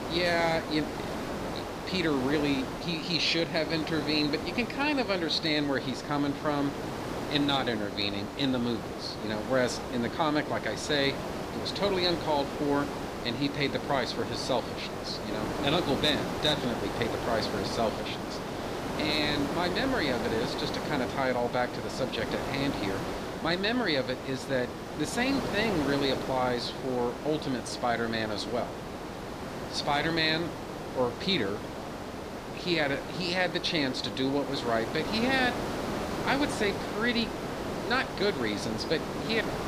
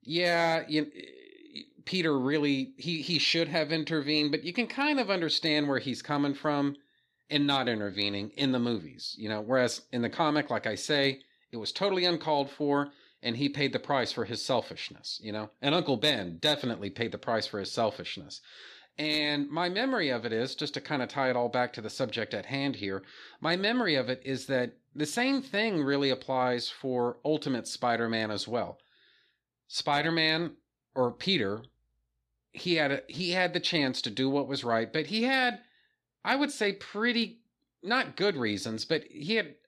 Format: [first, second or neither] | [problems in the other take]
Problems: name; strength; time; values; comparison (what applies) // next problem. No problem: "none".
second | hiss; loud; throughout; 5 dB below the speech